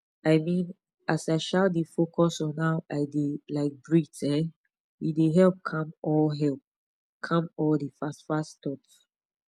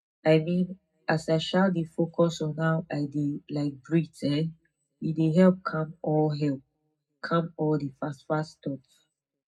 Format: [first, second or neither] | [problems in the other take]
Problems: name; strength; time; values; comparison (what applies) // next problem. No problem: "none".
first | room echo; dies away in 0.3 s